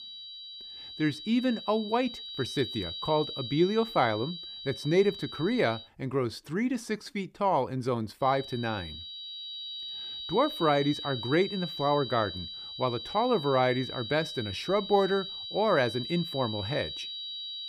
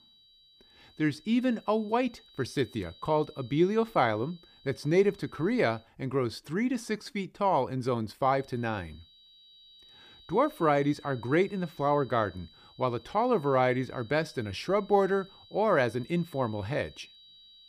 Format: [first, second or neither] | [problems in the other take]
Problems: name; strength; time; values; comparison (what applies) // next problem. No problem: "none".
second | high-pitched whine; loud; until 6 s and from 8.5 s on; 4 kHz, 8 dB below the speech; faint in the second